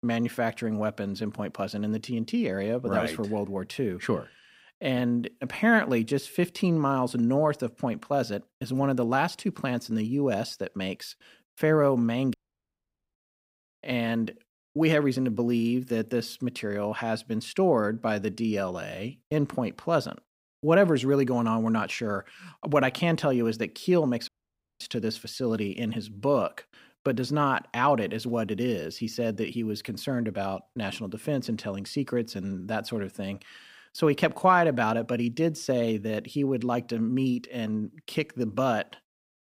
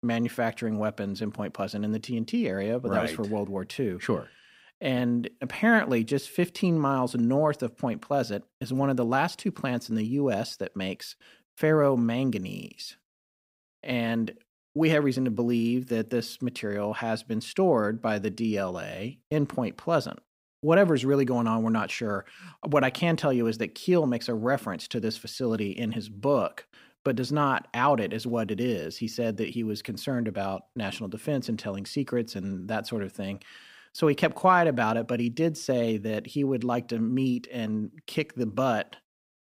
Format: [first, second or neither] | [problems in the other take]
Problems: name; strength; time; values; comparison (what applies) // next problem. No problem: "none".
second | audio cutting out; at 12 s for 1 s and at 24 s for 0.5 s